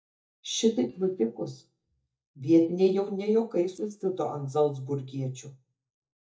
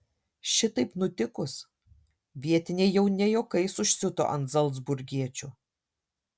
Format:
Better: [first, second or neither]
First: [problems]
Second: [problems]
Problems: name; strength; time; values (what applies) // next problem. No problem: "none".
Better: second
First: noise reduction (neural mask model DeepFilterNet 3)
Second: none